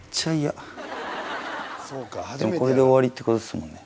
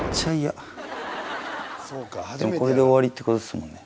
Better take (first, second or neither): first